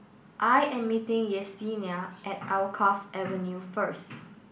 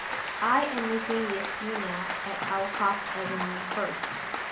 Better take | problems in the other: first | background sound (Applause); 2 dB below the speech

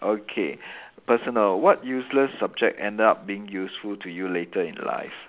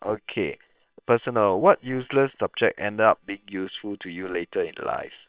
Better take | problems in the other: first | noise reduction (neural separator model SepFormer WHAM!)

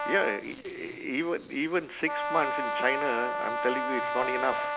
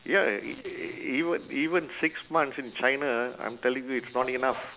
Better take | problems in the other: second | background sound (Brass instrument); 2 dB below the speech

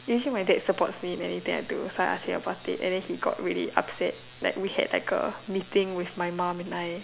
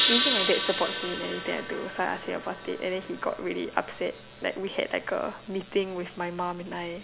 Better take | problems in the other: first | background sound (Gong); 2 dB below the speech

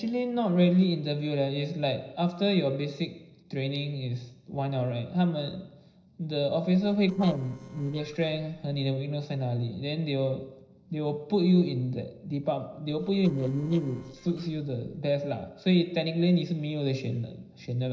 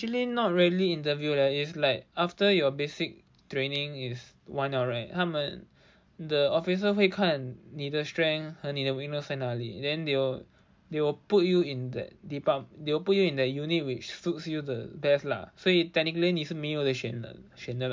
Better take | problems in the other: second | noise reduction (neural separator model SepFormer DNS4)

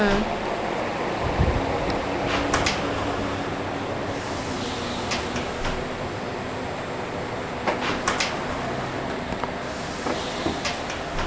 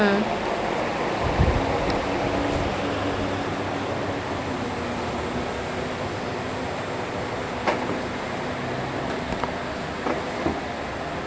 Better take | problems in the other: second | background sound (Sliding door); 6 dB below the speech

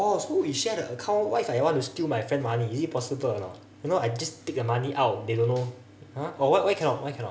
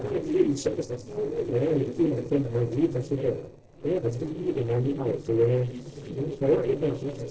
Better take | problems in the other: first | noise reduction (neural separator model SepFormer DNS4)

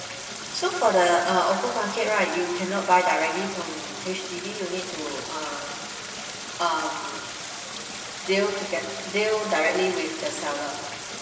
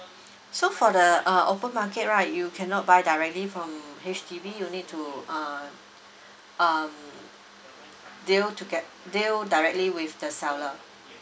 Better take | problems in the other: second | background sound (Stream); 9 dB below the speech // room echo; dies away in 2.3 s

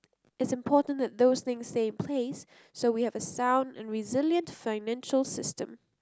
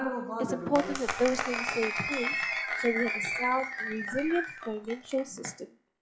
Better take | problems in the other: first | noise reduction (classical method WPE with log-MMSE)

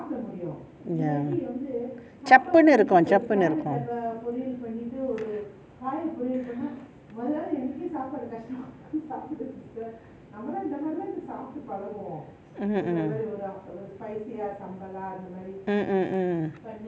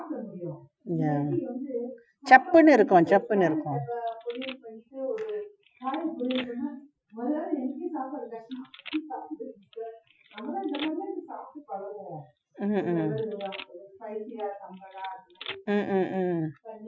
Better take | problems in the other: first | noise reduction (classical method Wiener filter)

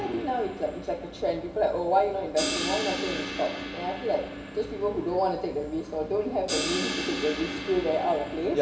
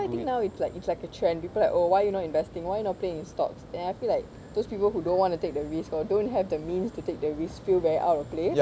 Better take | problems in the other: second | background sound (Crash cymbal); 7 dB below the speech // room echo; dies away in 1 s

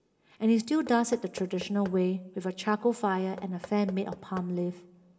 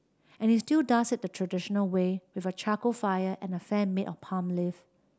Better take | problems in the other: second | background sound (Knock / Wood); 19 dB below the speech // room echo; dies away in 0.5 s

